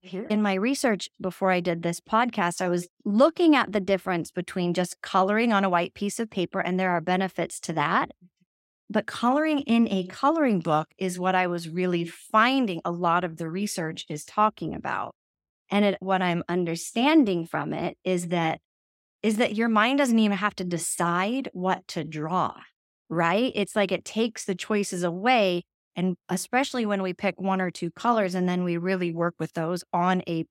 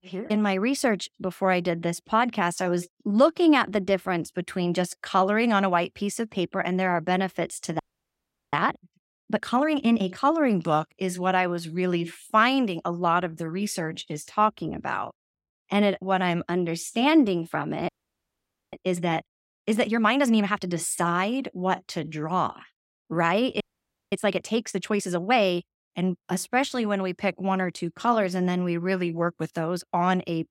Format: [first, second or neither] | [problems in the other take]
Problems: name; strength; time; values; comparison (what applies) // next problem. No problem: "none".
first | audio freezing; at 8 s for 0.5 s, at 18 s for 1 s and at 24 s for 0.5 s